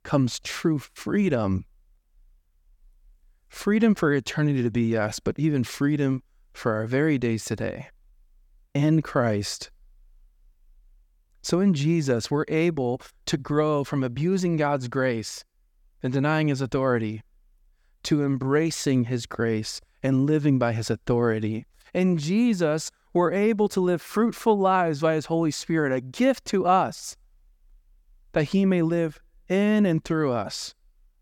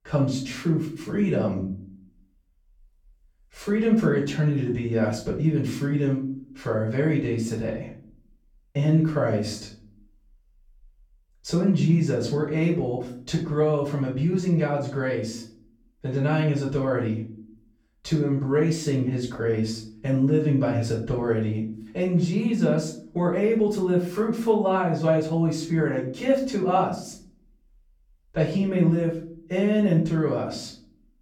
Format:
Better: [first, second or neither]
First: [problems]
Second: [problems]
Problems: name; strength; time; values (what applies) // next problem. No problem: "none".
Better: first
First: none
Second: room echo; slight; dies away in 0.4 s // off-mic speech; far